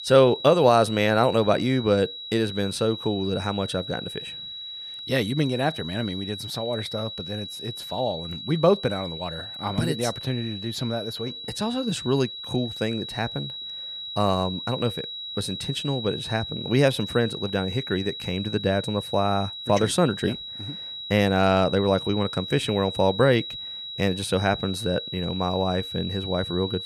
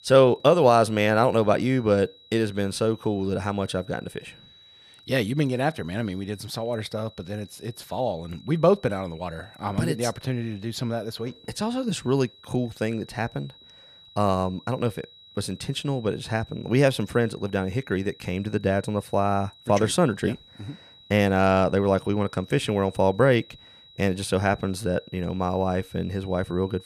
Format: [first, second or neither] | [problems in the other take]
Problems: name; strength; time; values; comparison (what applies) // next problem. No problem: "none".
second | high-pitched whine; loud; throughout; 4 kHz, 8 dB below the speech; faint in the second